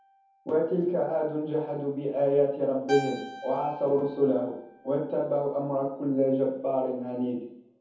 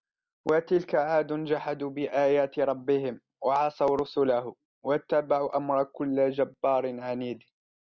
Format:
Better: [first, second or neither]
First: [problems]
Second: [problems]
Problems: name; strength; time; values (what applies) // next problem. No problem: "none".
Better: second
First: background sound (Keyboard (musical)); 18 dB below the speech // room echo; dies away in 0.7 s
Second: none